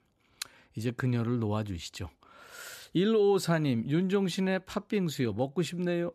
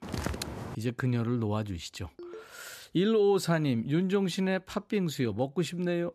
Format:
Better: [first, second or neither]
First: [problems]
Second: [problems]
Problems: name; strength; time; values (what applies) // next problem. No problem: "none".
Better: first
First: none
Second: footsteps; noticeable; at the start; peak 6 dB below the speech // phone ringing; faint; at 2 s; peak 15 dB below the speech